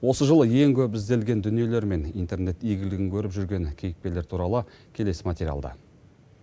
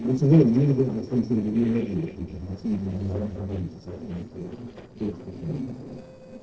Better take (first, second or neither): first